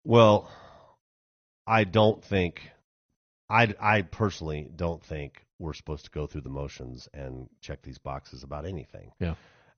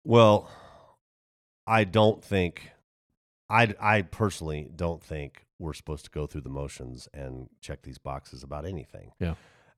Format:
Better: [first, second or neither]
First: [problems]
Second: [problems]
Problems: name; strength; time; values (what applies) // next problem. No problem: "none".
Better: second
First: garbled, watery; slightly; nothing above 6.5 kHz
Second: none